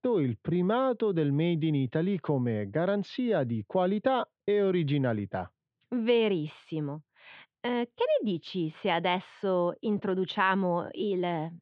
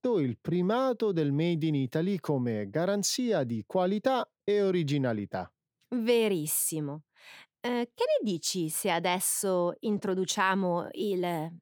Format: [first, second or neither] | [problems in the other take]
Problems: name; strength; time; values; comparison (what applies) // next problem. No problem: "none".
second | muffled; very; fading above 3.5 kHz